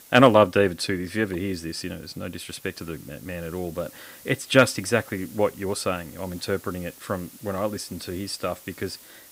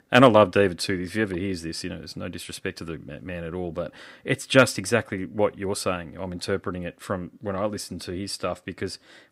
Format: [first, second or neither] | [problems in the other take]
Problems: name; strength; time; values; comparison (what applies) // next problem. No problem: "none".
second | hiss; faint; throughout; 20 dB below the speech